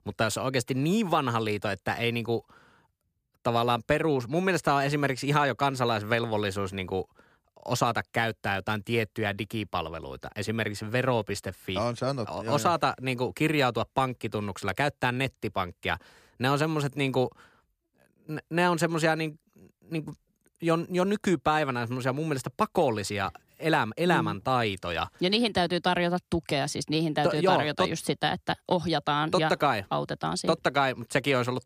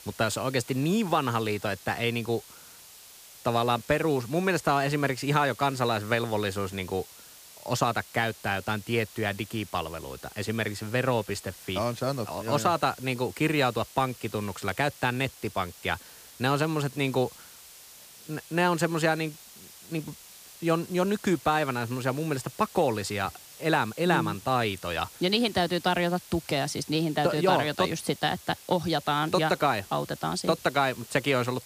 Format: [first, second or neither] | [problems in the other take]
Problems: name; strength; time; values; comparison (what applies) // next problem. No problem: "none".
first | hiss; noticeable; throughout; 20 dB below the speech